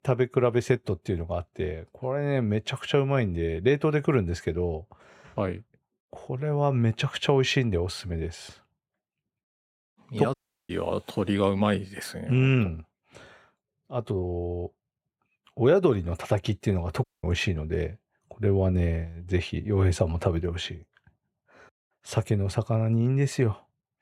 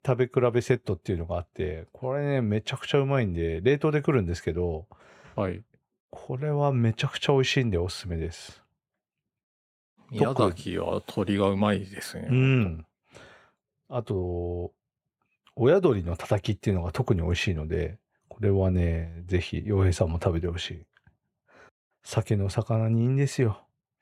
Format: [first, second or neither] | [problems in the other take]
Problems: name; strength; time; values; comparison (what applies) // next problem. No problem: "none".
second | audio cutting out; at 10 s and at 17 s